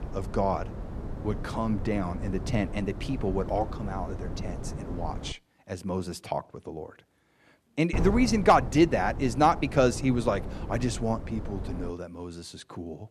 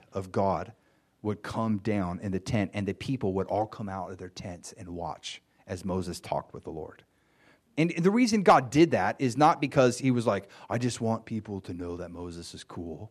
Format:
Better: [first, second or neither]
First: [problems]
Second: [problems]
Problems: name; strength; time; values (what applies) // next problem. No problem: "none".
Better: second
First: wind noise on the microphone; occasional gusts; until 5.5 s and from 8 to 12 s; 15 dB below the speech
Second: none